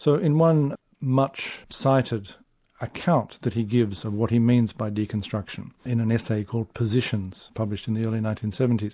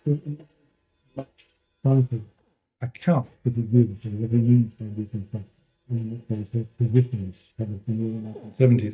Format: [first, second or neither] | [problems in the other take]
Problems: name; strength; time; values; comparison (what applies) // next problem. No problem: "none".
first | noise reduction (neural mask model DeepFilterNet 3)